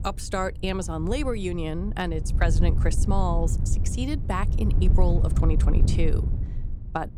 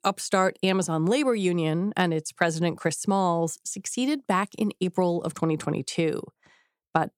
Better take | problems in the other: second | wind noise on the microphone; occasional gusts; 10 dB below the speech

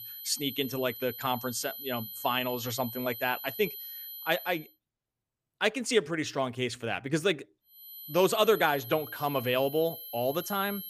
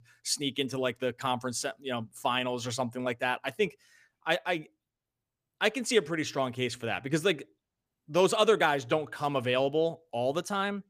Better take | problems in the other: second | high-pitched whine; loud; until 4.5 s and from 8 s on; 12 kHz, 10 dB below the speech

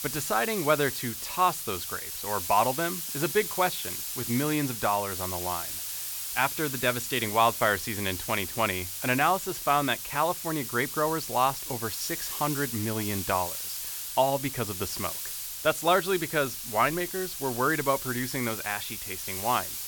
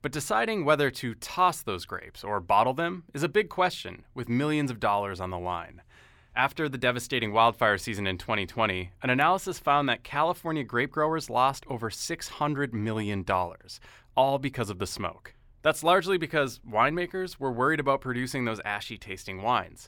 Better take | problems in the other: second | hiss; loud; throughout; 5 dB below the speech

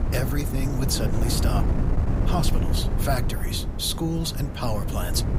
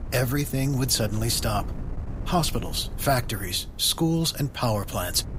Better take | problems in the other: second | wind noise on the microphone; heavy; 5 dB below the speech; occasional gusts in the second

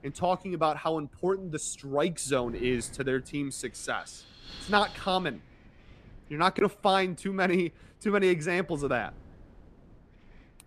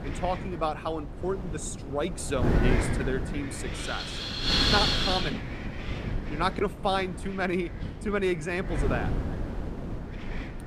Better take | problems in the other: first | wind noise on the microphone; heavy; 1 dB above the speech; occasional gusts in the first

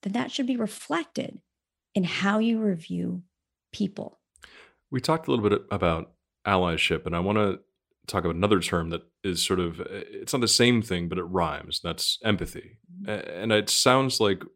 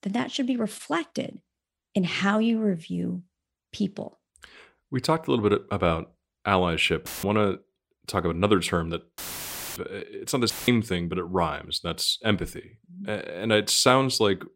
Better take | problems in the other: first | audio cutting out; filled with static; at 7 s, at 9 s for 0.5 s and at 11 s

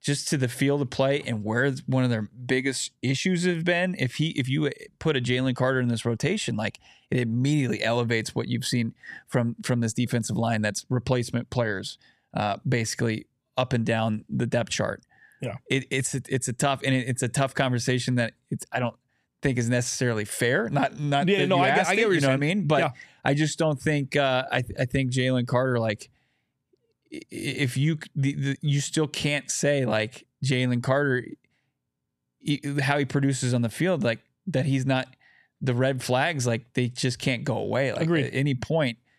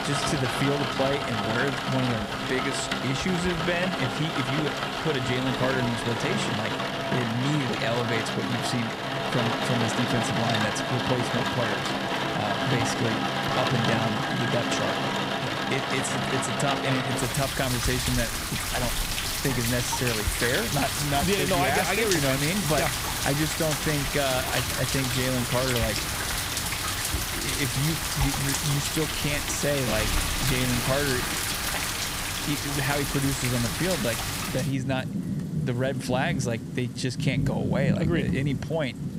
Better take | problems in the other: first | rain or running water; very loud; throughout; 1 dB above the speech

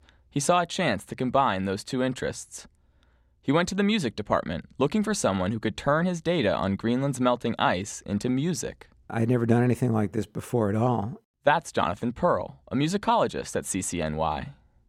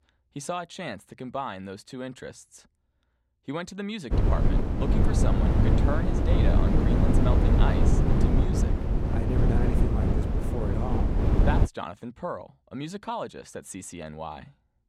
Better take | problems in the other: first | wind noise on the microphone; heavy; from 4 to 12 s; 3 dB above the speech

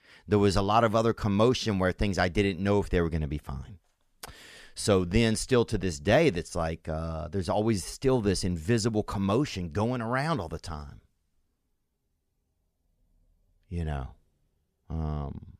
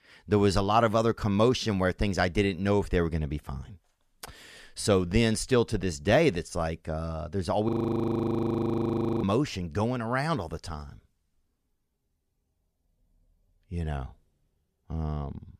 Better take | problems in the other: first | audio freezing; at 7.5 s for 1.5 s

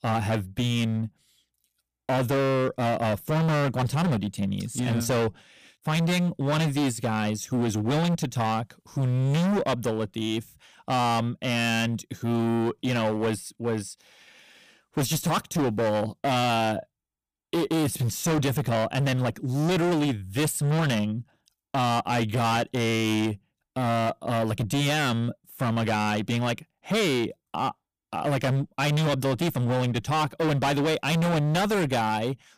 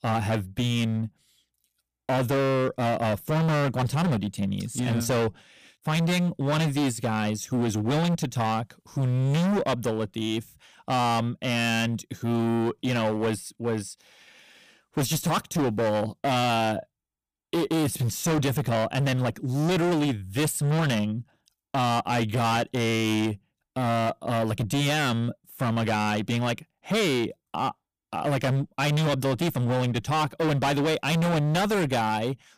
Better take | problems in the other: neither | distortion; heavy; 25% of the sound clipped; the same in both

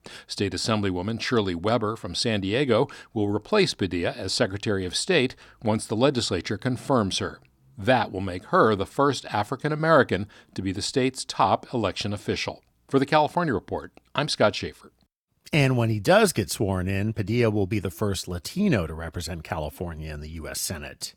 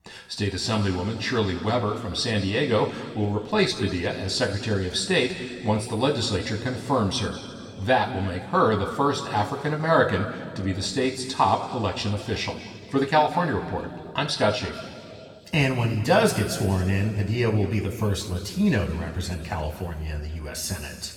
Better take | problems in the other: first | room echo; noticeable; dies away in 2 s // off-mic speech; somewhat distant

